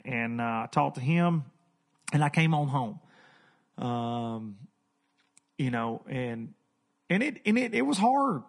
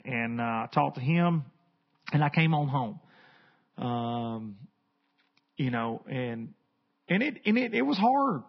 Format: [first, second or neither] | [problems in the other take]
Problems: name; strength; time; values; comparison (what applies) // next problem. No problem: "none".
first | garbled, watery; badly; nothing above 5 kHz; slightly in the first